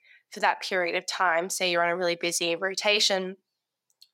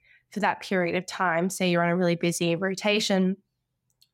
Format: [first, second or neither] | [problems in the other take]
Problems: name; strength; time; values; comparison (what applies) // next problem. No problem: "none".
second | thin; somewhat; fading below 450 Hz